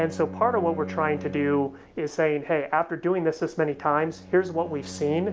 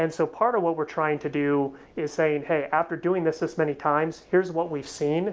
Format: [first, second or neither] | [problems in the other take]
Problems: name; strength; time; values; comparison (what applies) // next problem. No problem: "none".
second | background sound (Bowed string instrument); 14 dB below the speech